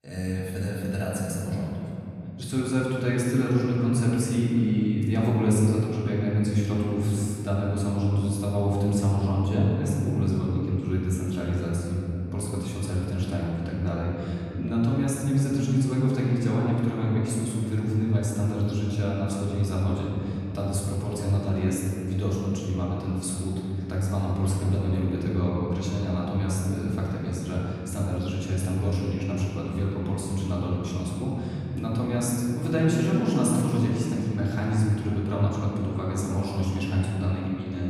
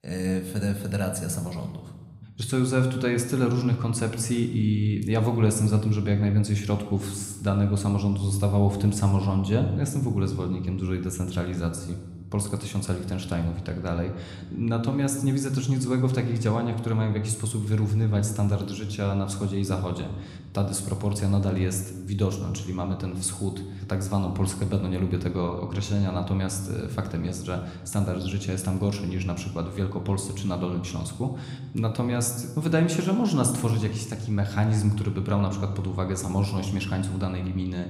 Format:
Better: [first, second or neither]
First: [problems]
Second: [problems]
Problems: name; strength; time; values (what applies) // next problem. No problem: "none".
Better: second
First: room echo; strong; dies away in 3 s // off-mic speech; far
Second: room echo; slight; dies away in 1 s